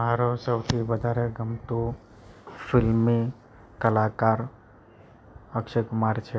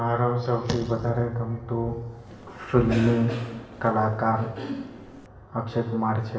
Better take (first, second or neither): first